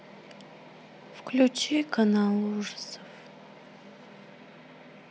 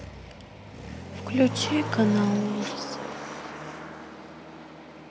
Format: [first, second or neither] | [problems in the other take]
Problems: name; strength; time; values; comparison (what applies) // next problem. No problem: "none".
first | background sound (Motor vehicle (road)); 6 dB below the speech